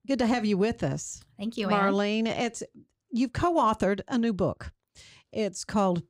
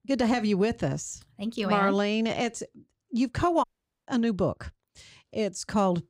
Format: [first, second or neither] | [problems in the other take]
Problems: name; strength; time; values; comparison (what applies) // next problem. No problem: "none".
first | audio cutting out; at 3.5 s